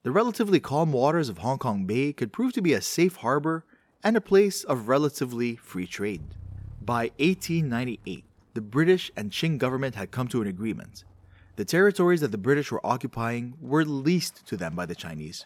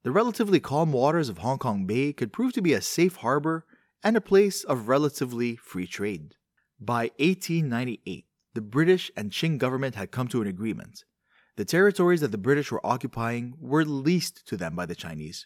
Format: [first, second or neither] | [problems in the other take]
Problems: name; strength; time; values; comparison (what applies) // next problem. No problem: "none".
second | traffic noise; faint; throughout; 25 dB below the speech